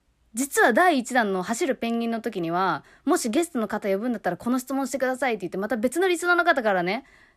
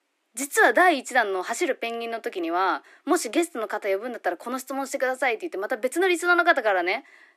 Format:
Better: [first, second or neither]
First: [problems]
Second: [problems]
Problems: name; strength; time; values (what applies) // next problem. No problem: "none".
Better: first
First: none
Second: thin; somewhat; fading below 300 Hz